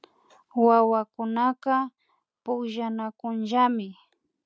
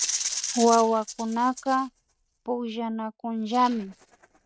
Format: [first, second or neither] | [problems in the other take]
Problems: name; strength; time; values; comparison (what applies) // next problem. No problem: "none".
first | noise reduction (neural mask model RNNoise)